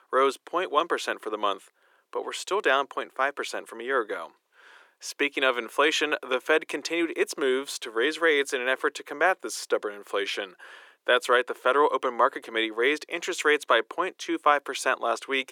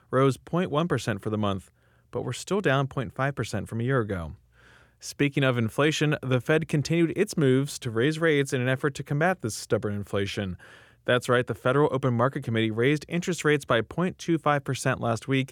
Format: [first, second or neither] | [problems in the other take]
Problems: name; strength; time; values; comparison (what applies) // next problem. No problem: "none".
second | thin; very; fading below 350 Hz